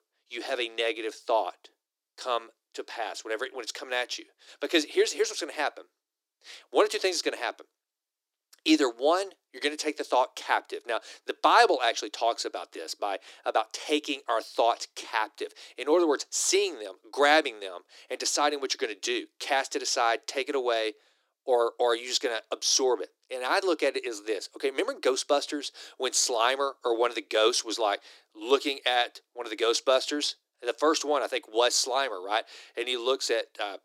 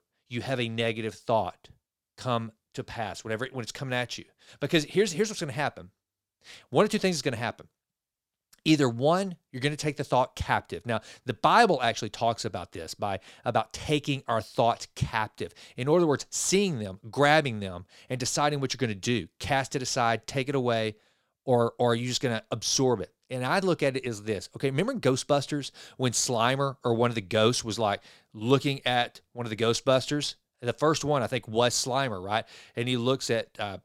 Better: second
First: thin; somewhat; fading below 300 Hz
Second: none

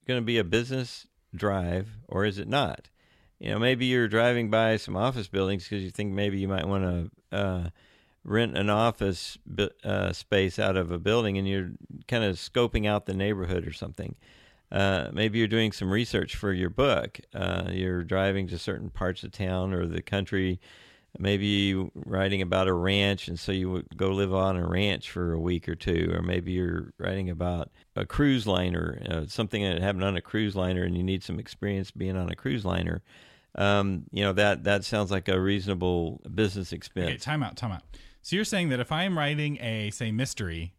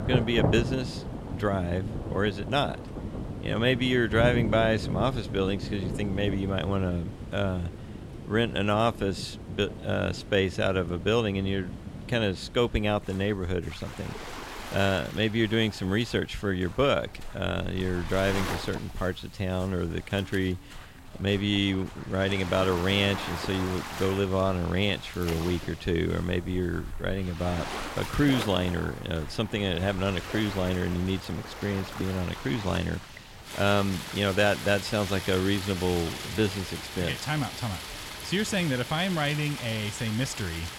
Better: first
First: none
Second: rain or running water; loud; throughout; 9 dB below the speech

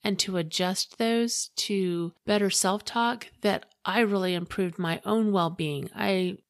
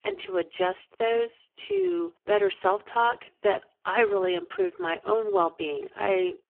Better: first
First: none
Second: phone-call audio; poor line

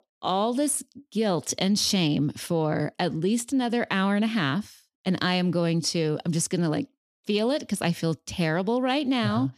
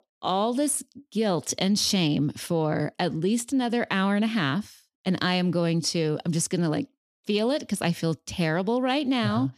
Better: neither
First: none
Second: none

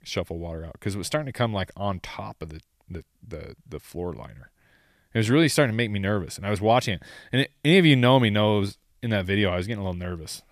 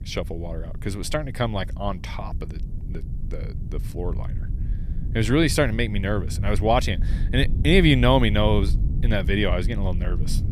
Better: first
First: none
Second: low rumble; noticeable; throughout; 20 dB below the speech

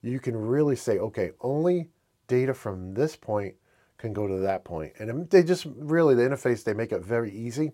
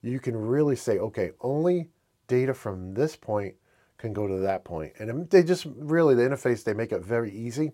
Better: neither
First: none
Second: none

